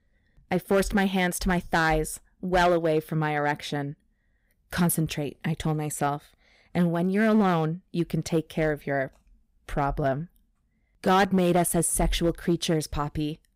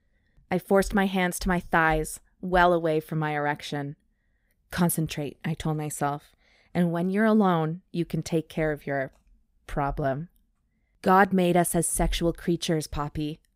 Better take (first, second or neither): second